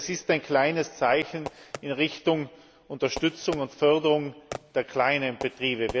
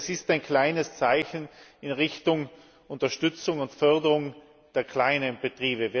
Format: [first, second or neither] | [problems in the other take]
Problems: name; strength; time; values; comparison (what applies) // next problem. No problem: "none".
second | background sound (Fireworks); 17 dB below the speech